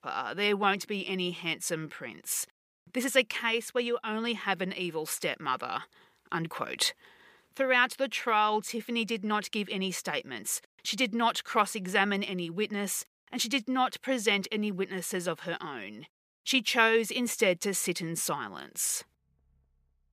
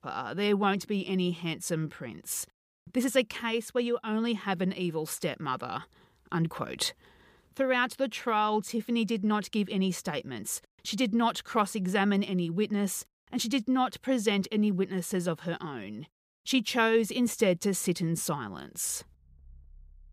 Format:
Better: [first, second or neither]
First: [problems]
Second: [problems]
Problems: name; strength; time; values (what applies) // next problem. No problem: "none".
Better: second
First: thin; very slightly; fading below 950 Hz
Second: none